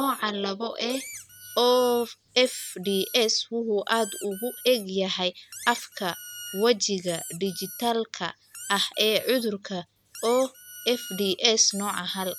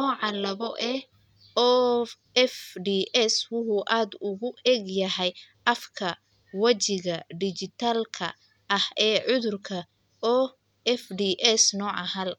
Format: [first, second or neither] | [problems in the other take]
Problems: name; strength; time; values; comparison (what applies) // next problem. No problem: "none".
second | background sound (Squeak); 15 dB below the speech